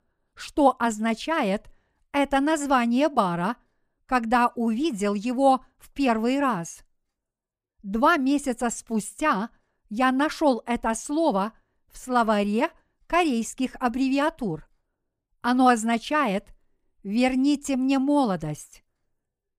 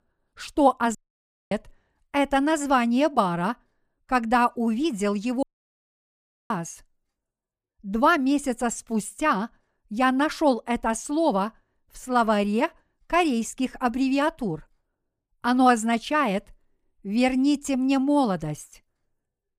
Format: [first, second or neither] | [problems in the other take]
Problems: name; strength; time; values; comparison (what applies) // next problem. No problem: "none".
first | audio cutting out; at 1 s for 0.5 s and at 5.5 s for 1 s